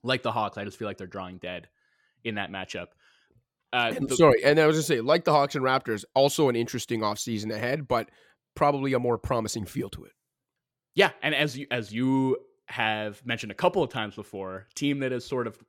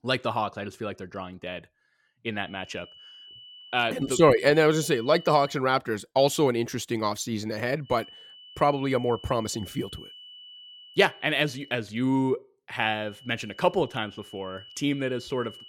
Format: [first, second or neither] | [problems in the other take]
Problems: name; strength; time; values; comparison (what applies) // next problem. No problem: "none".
first | high-pitched whine; noticeable; from 2.5 to 5.5 s, from 8 to 12 s and from 13 s on; 3 kHz, 20 dB below the speech